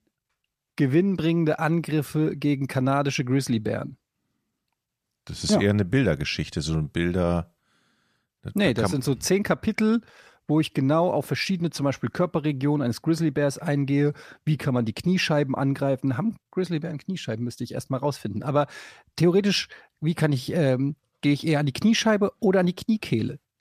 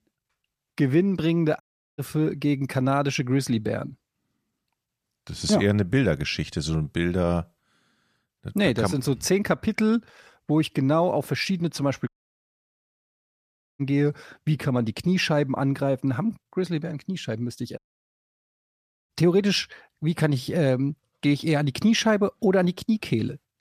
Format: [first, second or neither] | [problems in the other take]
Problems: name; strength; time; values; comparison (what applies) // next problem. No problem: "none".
first | audio cutting out; at 1.5 s, at 12 s for 1.5 s and at 18 s for 1.5 s